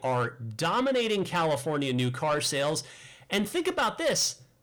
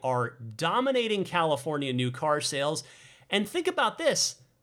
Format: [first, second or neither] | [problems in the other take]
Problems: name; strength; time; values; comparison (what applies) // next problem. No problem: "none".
second | distortion; slight; 10 dB below the speech